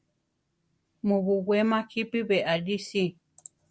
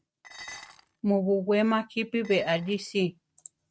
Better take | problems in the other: first | noise reduction (neural mask model RNNoise)

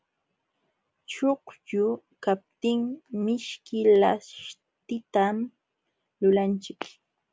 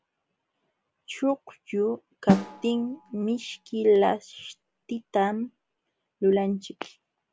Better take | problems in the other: first | background sound (Drum); 5 dB below the speech

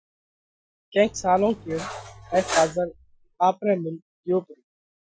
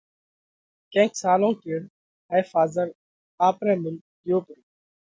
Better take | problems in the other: second | noise reduction (classical method Wiener filter)

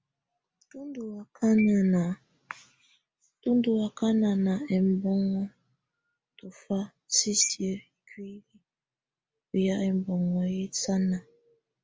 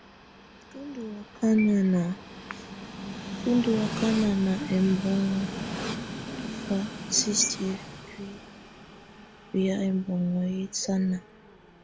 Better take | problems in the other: first | background sound (Train); 10 dB below the speech

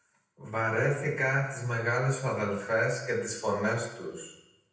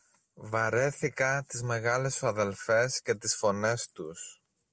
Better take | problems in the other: second | room echo; dies away in 0.9 s

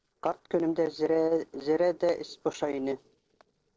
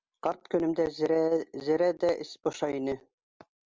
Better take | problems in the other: second | noise reduction (neural separator model SepFormer DNS4)

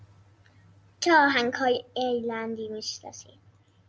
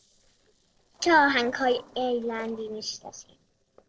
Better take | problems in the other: first | noise reduction (neural separator model SepFormer DNS4)

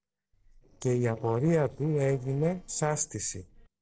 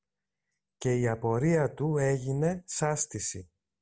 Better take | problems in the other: second | noise reduction (neural separator model SepFormer DNS4)

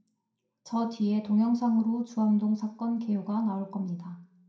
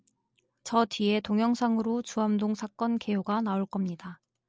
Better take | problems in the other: second | room echo; dies away in 0.5 s

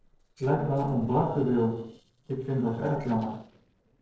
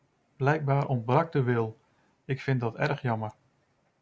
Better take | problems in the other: second | noise reduction (neural separator model SepFormer DNS4)

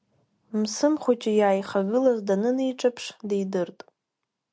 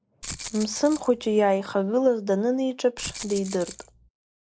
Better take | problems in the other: first | noise reduction (neural mask model Resemble Enhance denoiser)

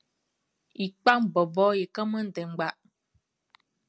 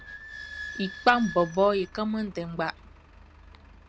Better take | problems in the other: first | background sound (Squeak / Idling); 15 dB below the speech

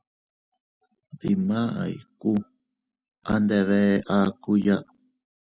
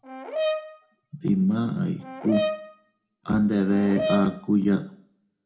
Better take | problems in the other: first | background sound (Brass instrument); 7 dB below the speech // room echo; dies away in 0.4 s

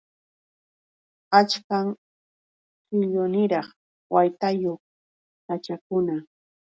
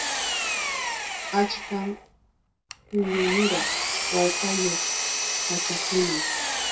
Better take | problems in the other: first | background sound (Engine); 1 dB above the speech // room echo; dies away in 0.2 s

